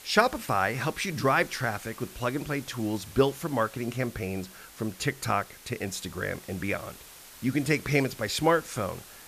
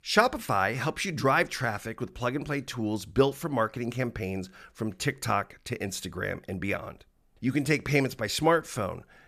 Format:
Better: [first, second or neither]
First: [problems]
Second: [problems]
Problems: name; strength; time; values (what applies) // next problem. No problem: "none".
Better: second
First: hiss; noticeable; throughout; 15 dB below the speech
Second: none